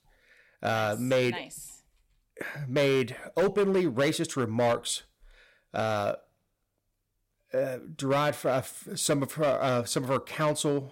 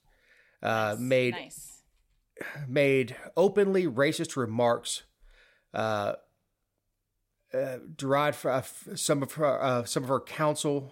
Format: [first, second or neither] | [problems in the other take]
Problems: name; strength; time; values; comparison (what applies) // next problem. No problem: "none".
second | distortion; slight; 5% of the sound clipped